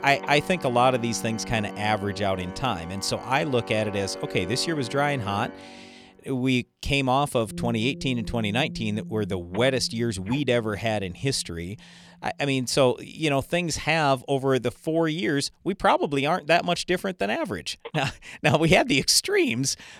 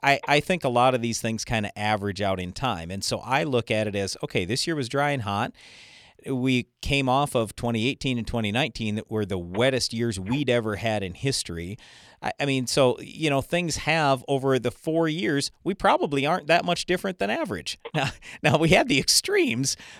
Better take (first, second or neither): second